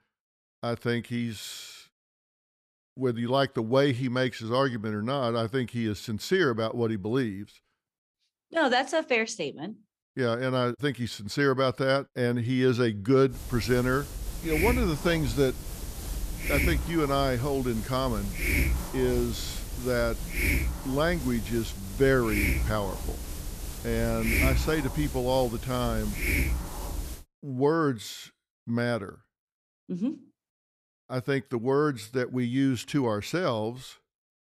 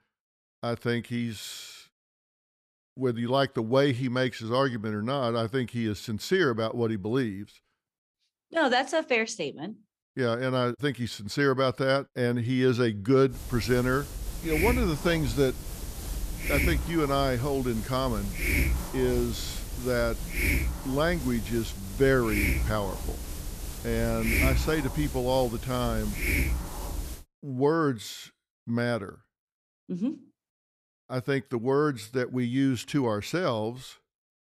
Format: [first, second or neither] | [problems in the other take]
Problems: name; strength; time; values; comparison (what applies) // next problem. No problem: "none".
neither | hiss; loud; from 13 to 27 s; 4 dB below the speech; the same in both